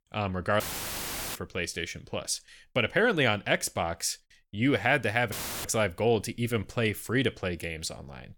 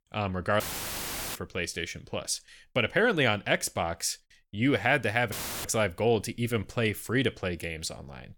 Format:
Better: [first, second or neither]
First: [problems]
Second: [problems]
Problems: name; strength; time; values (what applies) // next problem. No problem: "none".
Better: neither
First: audio cutting out; filled with static; at 0.5 s for 1 s and at 5.5 s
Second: audio cutting out; filled with static; at 0.5 s for 1 s and at 5.5 s